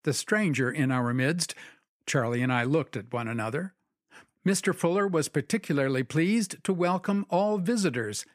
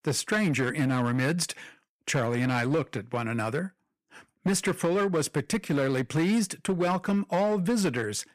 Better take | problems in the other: first | distortion; slight; 9% of the sound clipped

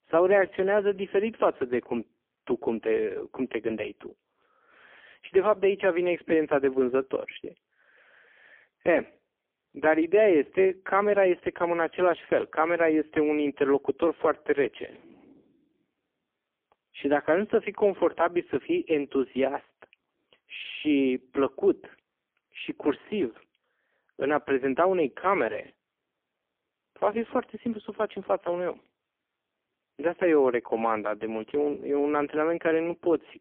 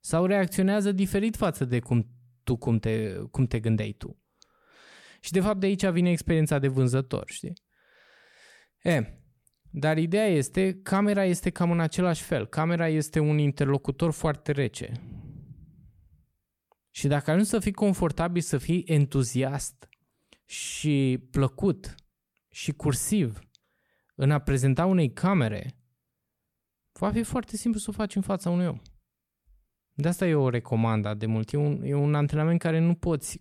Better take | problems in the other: second | phone-call audio; poor line; nothing above 3.5 kHz

